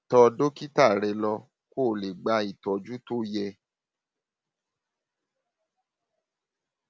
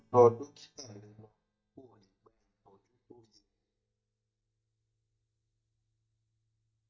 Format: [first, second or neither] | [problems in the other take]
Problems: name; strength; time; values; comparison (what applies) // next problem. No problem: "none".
first | noise reduction (neural mask model DeepFilterNet 3)